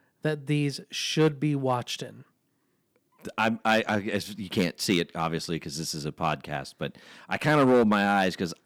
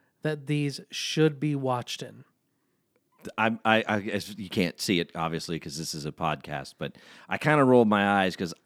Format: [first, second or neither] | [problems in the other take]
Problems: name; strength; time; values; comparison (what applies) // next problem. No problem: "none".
second | distortion; slight; 1.4% of the sound clipped